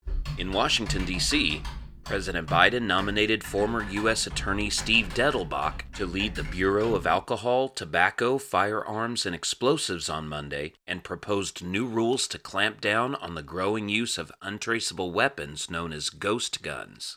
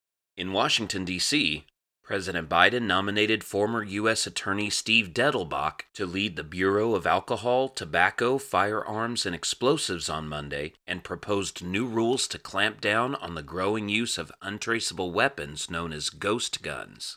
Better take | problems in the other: second | keyboard typing; noticeable; until 7 s; peak 8 dB below the speech

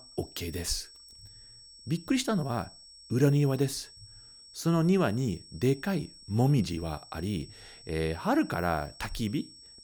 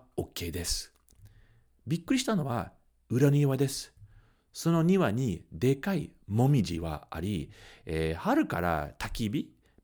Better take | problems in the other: second | high-pitched whine; noticeable; throughout; 5.5 kHz, 20 dB below the speech

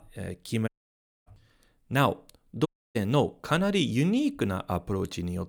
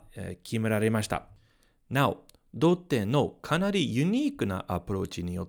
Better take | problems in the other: second | audio cutting out; at 0.5 s for 0.5 s and at 2.5 s

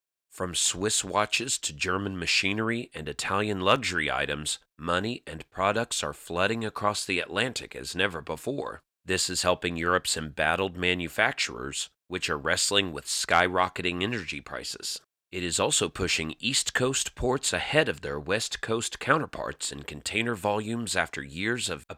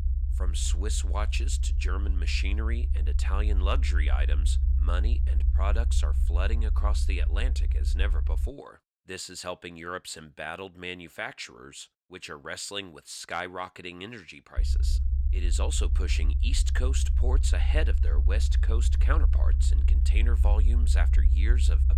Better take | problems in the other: first | low rumble; loud; until 8.5 s and from 15 s on; 10 dB below the speech

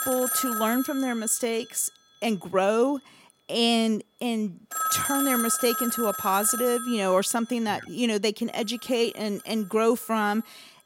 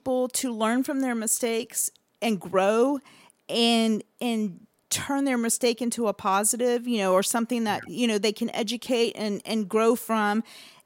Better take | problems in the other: second | alarms or sirens; loud; throughout; 3 dB below the speech

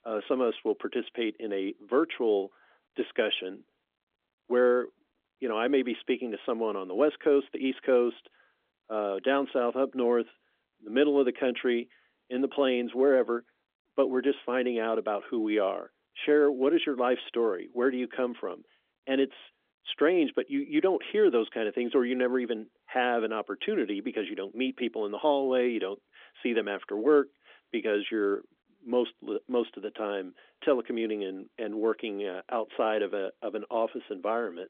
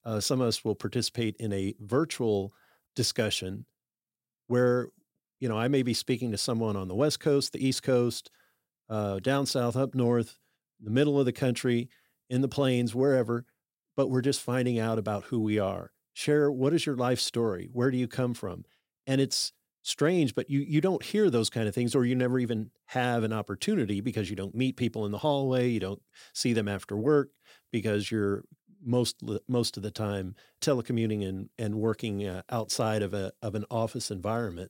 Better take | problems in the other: second | phone-call audio; nothing above 3.5 kHz

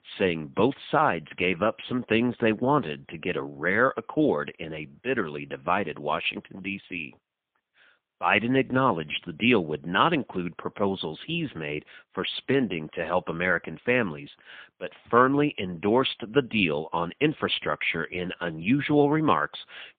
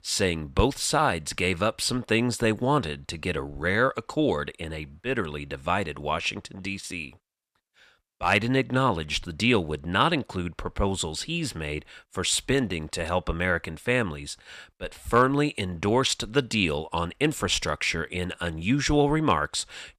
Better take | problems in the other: second | phone-call audio; poor line

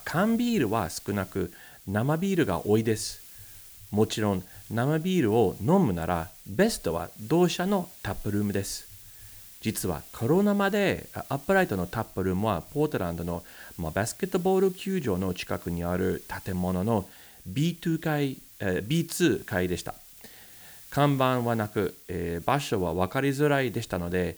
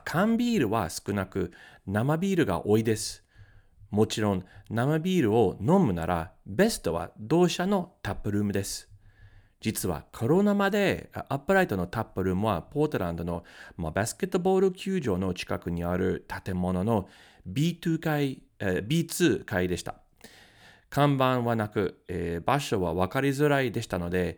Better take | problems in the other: second | hiss; noticeable; throughout; 20 dB below the speech

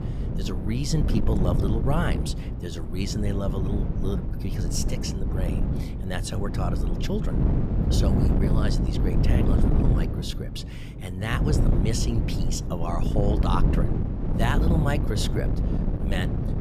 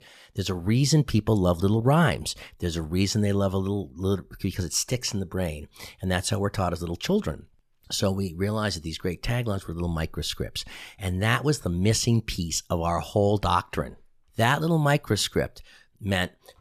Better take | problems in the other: second | wind noise on the microphone; heavy; 2 dB below the speech

